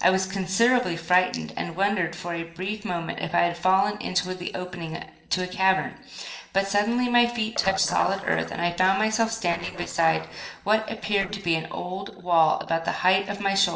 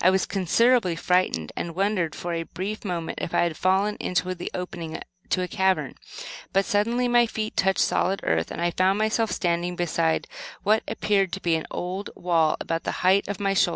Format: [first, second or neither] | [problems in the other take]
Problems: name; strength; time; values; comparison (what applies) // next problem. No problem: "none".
second | noise reduction (neural separator model SepFormer DNS4)